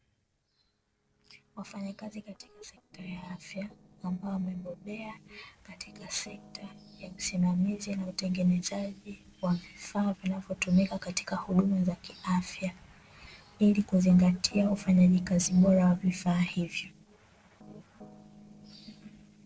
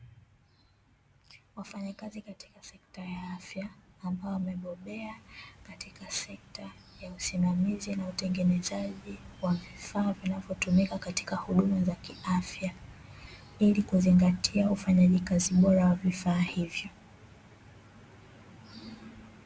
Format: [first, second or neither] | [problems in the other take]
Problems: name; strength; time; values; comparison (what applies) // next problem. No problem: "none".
second | noise reduction (neural separator model SepFormer DNS4)